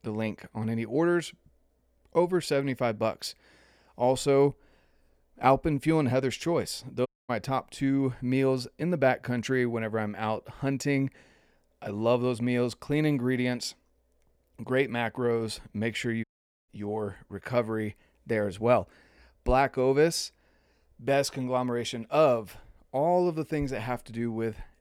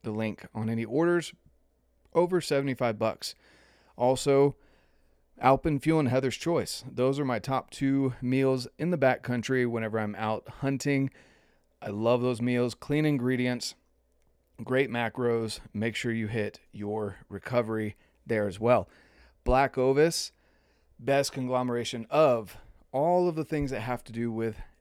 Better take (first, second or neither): second